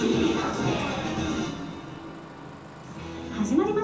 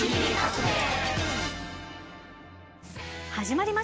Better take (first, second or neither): second